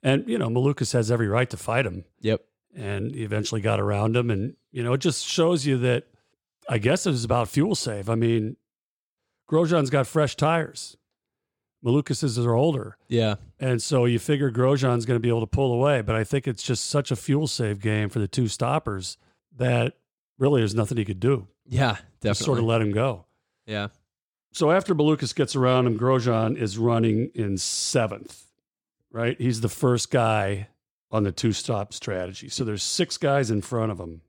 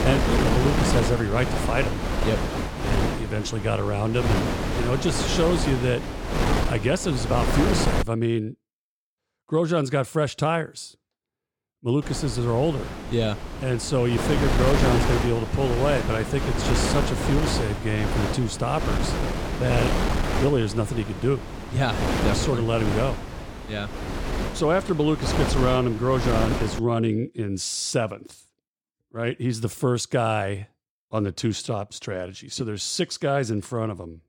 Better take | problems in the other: first | wind noise on the microphone; heavy; until 8 s and from 12 to 27 s; 2 dB below the speech

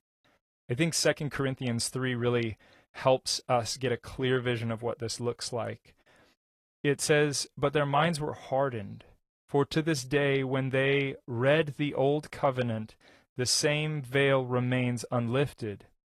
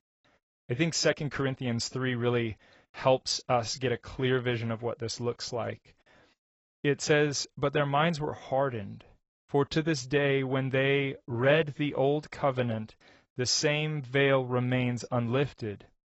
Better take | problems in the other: first | garbled, watery; badly; nothing above 7.5 kHz; slightly in the first

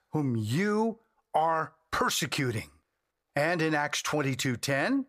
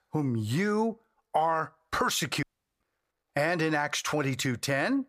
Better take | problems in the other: first | audio cutting out; at 2.5 s

